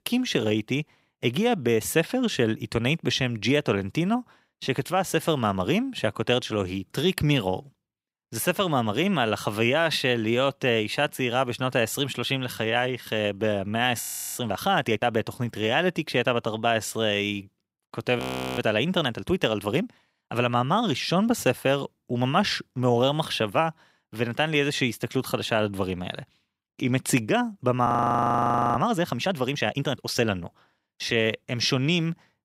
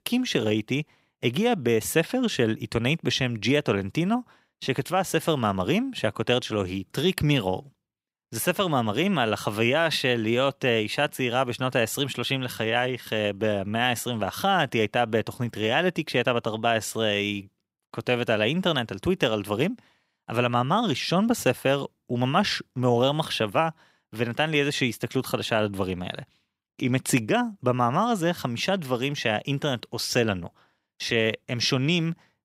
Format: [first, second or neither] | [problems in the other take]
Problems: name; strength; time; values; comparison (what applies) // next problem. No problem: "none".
second | audio freezing; at 14 s, at 18 s and at 28 s for 1 s